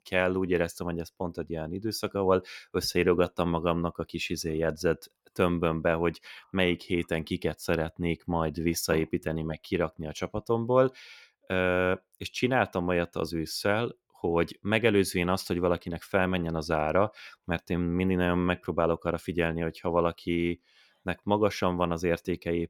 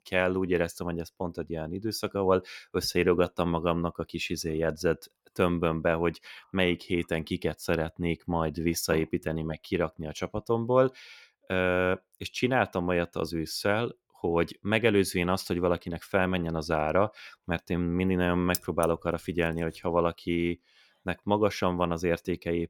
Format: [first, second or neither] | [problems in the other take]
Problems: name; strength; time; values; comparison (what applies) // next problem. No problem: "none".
first | jangling keys; noticeable; at 19 s; peak 6 dB below the speech